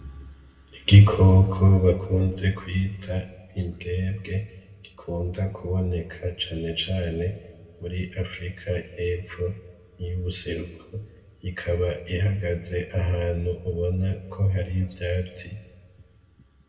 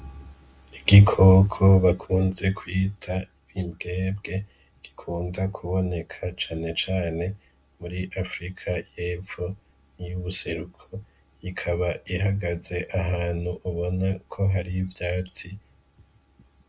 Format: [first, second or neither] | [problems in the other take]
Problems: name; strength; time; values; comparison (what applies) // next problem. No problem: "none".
second | room echo; dies away in 1.1 s